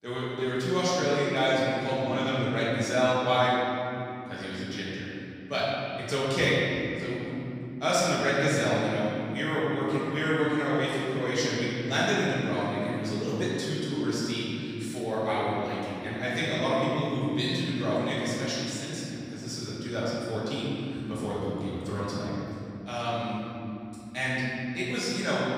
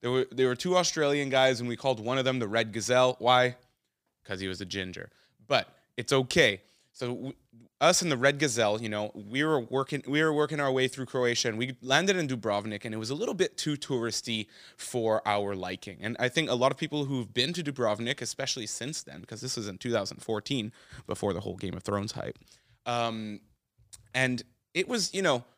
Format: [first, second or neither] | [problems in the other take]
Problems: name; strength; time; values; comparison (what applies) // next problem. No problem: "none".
second | room echo; strong; dies away in 3 s // off-mic speech; far